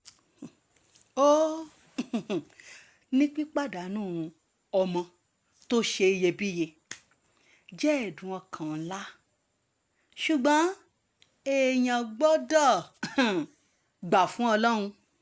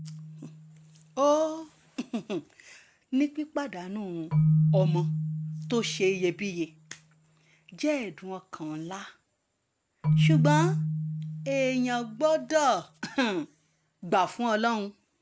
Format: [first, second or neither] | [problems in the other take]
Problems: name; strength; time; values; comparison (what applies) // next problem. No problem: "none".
first | background sound (Keyboard (musical)); 1 dB below the speech